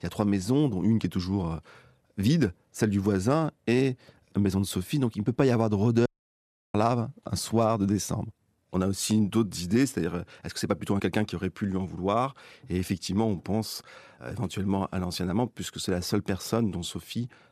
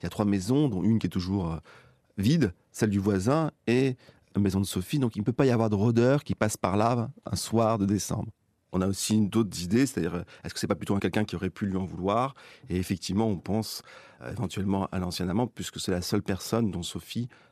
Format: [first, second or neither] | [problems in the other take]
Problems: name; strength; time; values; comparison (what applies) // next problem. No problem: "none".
second | audio cutting out; at 6 s for 0.5 s